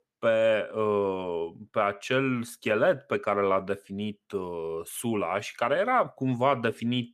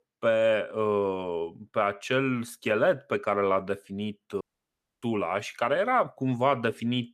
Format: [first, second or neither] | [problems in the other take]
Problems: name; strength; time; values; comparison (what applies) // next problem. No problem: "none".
first | audio cutting out; at 4.5 s for 0.5 s